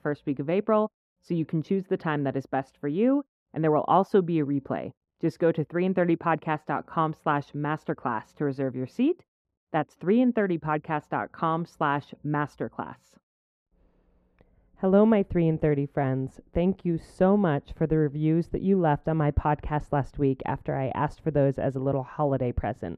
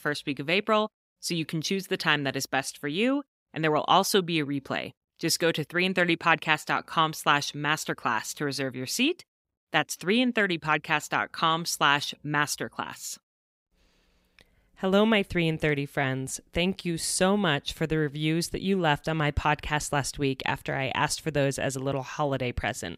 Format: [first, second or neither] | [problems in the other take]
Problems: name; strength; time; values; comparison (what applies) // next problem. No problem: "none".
second | muffled; very; fading above 2 kHz